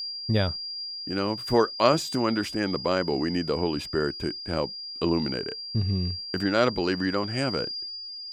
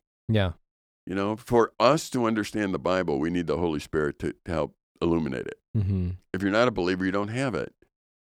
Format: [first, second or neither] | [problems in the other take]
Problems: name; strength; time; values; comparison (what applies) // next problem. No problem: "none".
second | high-pitched whine; loud; throughout; 5 kHz, 6 dB below the speech